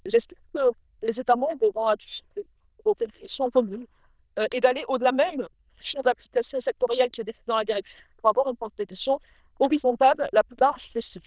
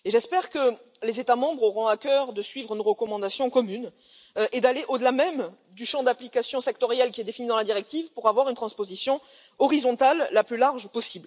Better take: second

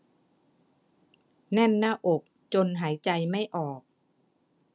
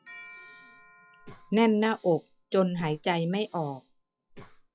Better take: first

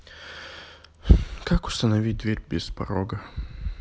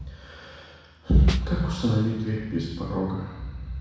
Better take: first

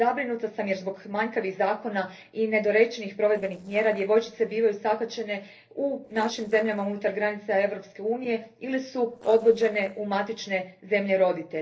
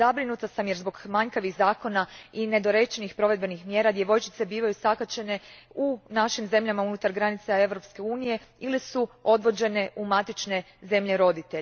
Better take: second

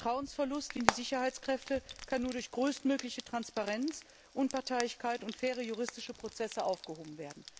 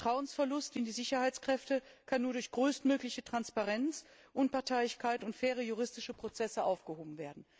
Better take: second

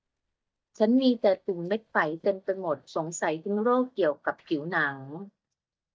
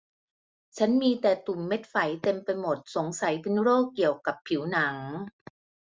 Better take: second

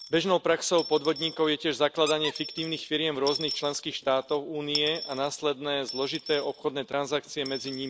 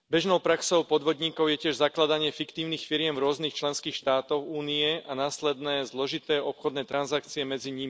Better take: second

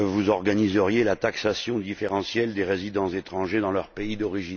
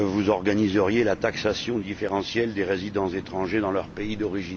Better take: first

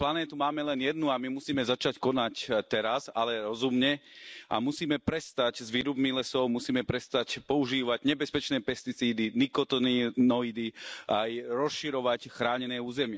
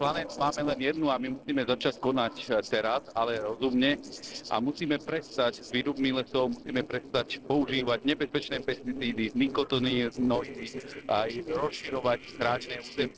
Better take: first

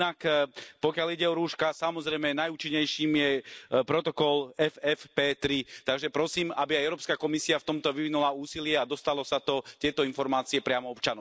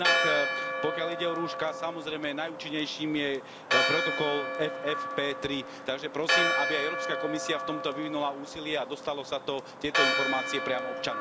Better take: first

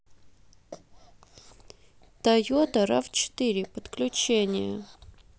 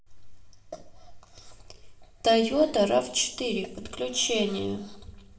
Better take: first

